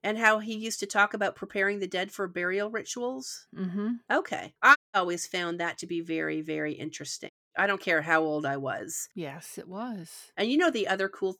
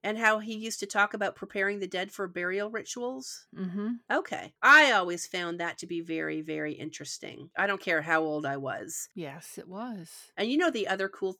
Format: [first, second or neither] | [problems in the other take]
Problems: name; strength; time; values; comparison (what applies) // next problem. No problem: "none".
second | audio cutting out; at 5 s and at 7.5 s